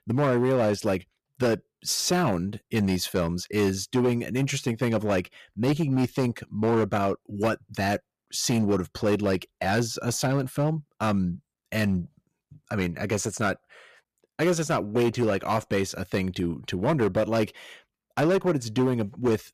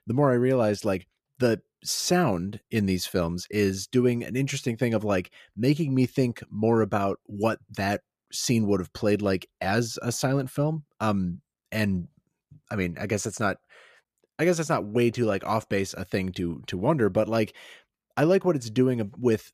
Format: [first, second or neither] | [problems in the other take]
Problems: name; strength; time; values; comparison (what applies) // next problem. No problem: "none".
second | distortion; slight; 8% of the sound clipped